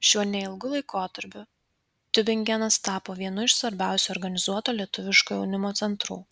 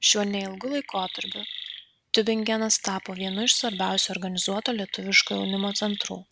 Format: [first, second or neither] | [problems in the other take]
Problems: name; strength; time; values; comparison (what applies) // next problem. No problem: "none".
first | background sound (Chirp, tweet); 13 dB below the speech